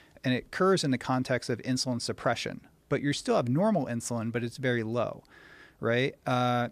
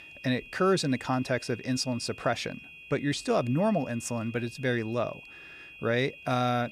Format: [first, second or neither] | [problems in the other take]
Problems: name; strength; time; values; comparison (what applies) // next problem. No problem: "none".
first | high-pitched whine; noticeable; throughout; 2.5 kHz, 15 dB below the speech